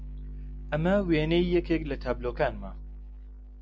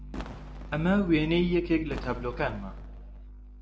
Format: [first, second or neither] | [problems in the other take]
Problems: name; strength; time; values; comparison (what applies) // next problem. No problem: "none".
first | background sound (Fireworks); 16 dB below the speech // room echo; dies away in 0.8 s